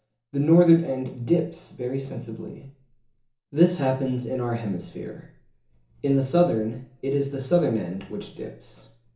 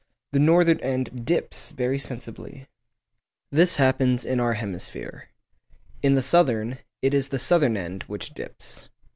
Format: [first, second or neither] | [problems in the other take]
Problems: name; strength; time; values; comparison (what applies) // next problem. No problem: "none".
second | room echo; dies away in 0.7 s